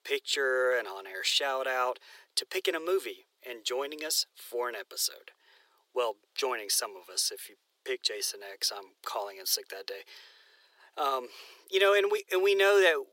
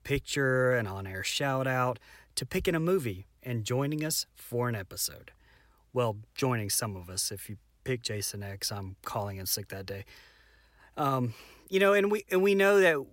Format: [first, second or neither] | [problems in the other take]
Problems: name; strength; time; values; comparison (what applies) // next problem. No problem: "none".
second | thin; very; fading below 400 Hz